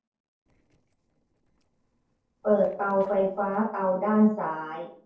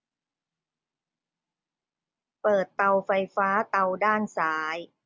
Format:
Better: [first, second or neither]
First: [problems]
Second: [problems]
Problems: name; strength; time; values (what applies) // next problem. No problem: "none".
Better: second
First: noise reduction (neural separator model SepFormer DNS4)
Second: none